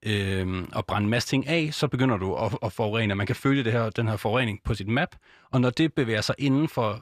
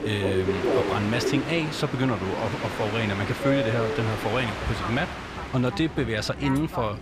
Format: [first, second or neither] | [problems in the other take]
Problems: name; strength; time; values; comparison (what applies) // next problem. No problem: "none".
first | train or aircraft noise; loud; throughout; 3 dB below the speech